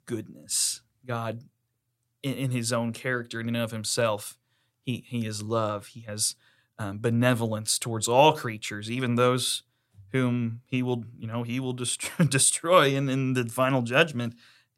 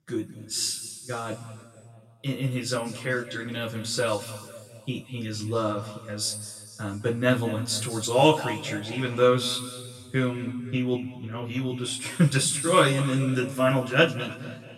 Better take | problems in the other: first | room echo; noticeable; dies away in 1.9 s // off-mic speech; far

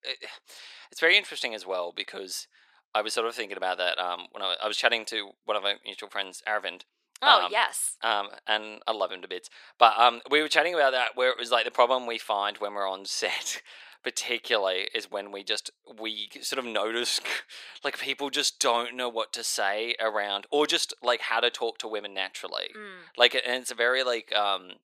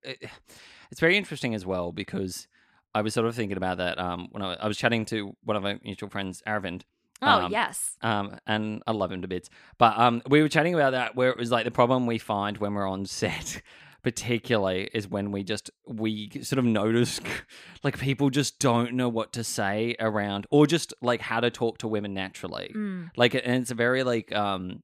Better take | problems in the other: second | thin; very; fading below 500 Hz

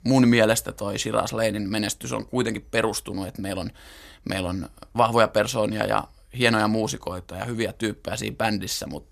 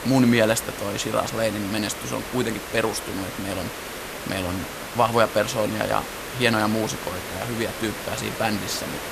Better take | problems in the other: first | hiss; loud; throughout; 8 dB below the speech

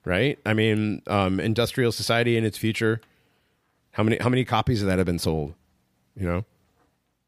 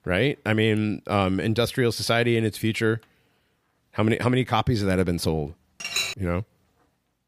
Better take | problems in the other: first | clattering dishes; noticeable; at 6 s; peak 2 dB below the speech

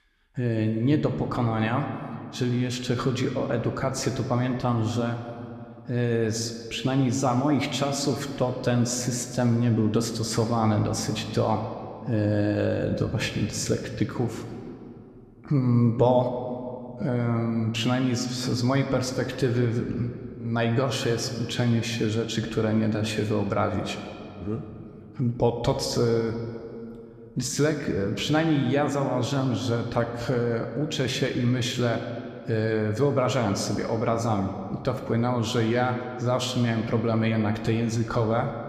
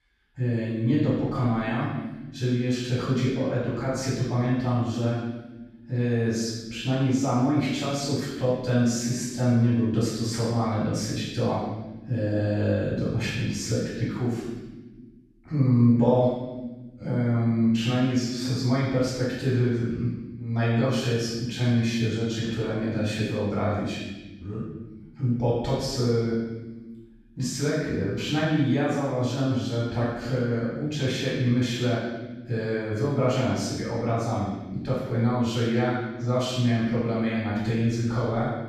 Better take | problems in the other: first | room echo; strong; dies away in 1.1 s; slight in the first // off-mic speech; far

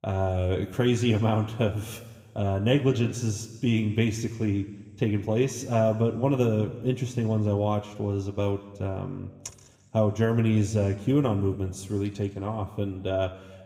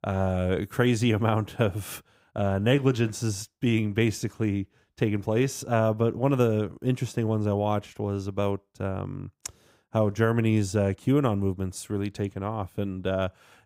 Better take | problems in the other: second | room echo; slight; dies away in 1.3 s

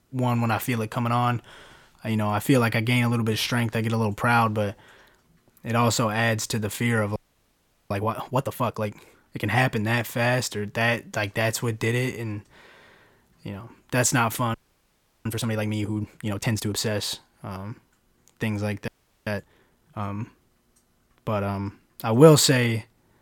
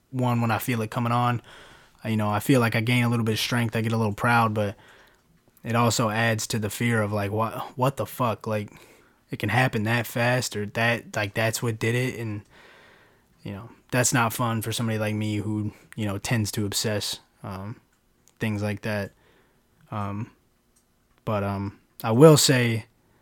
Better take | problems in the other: second | audio freezing; at 7 s for 0.5 s, at 15 s for 0.5 s and at 19 s

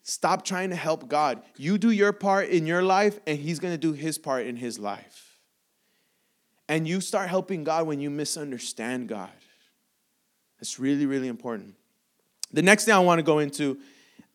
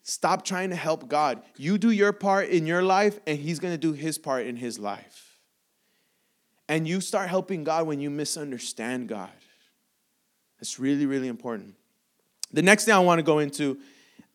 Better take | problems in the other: neither | none

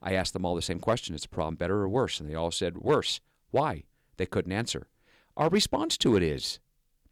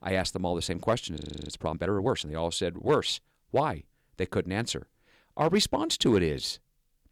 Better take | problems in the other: first | audio freezing; at 1 s

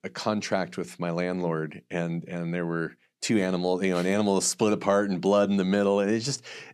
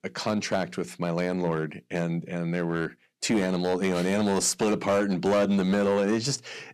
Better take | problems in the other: first | distortion; slight; 7% of the sound clipped

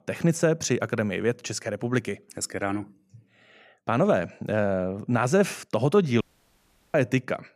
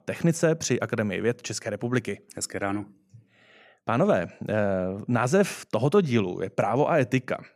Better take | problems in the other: second | audio cutting out; at 6 s for 0.5 s

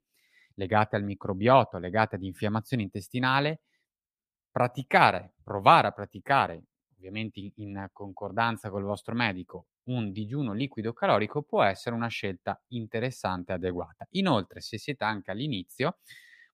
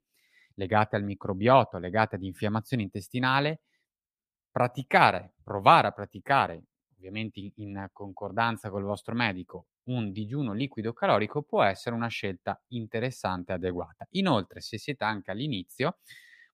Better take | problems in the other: neither | none

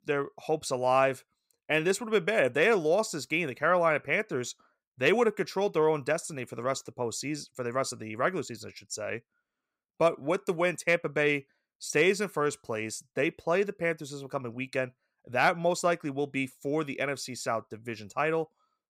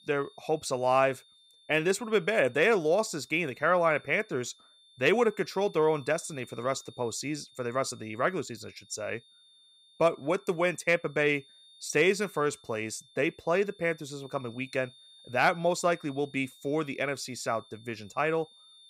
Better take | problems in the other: first | high-pitched whine; faint; throughout; 3.5 kHz, 25 dB below the speech

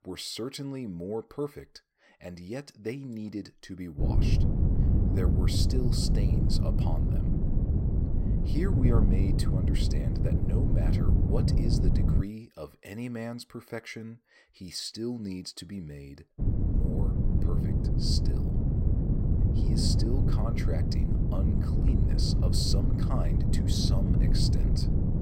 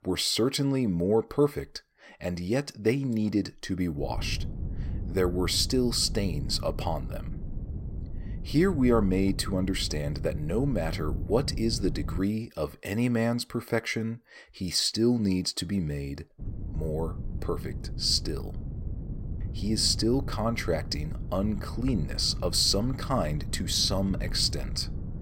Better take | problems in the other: second | wind noise on the microphone; heavy; from 4 to 12 s and from 16 s on; as loud as the speech; occasional gusts in the second

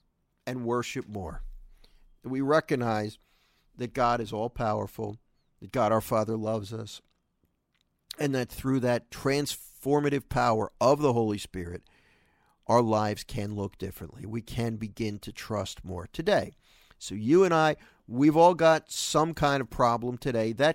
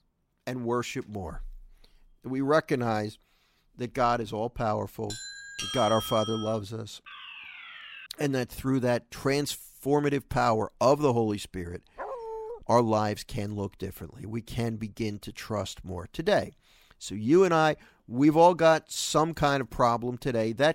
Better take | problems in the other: first | doorbell; noticeable; from 5 to 6.5 s; peak 5 dB below the speech // alarm; faint; from 7 to 8 s; peak 15 dB below the speech // dog barking; noticeable; at 12 s; peak 10 dB below the speech

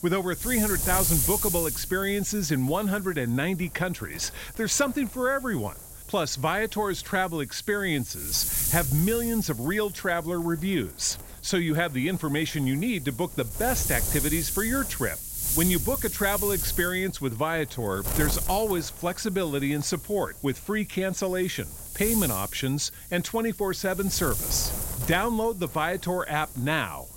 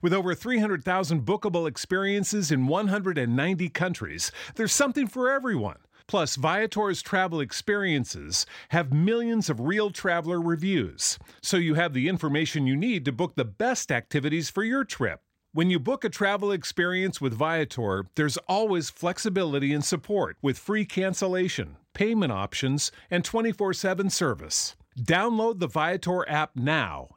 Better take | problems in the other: second | wind noise on the microphone; heavy; 7 dB below the speech

